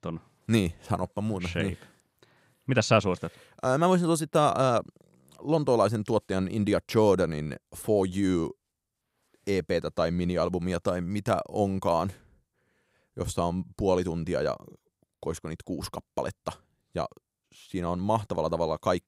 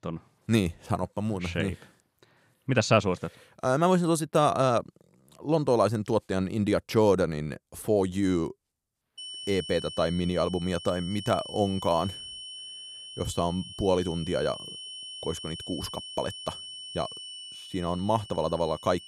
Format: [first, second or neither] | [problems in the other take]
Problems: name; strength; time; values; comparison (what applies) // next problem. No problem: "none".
first | high-pitched whine; noticeable; from 9 s on; 3 kHz, 10 dB below the speech